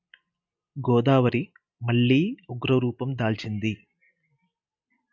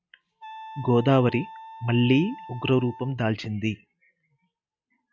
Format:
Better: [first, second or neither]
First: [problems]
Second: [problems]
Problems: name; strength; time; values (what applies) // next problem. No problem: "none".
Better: first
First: none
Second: background sound (Wind instrument, woodwind instrument); 17 dB below the speech